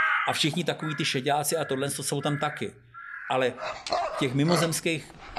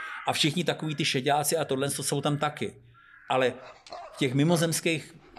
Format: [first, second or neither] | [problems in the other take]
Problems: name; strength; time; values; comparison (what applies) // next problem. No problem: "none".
second | animal sounds; loud; throughout; 6 dB below the speech; faint in the second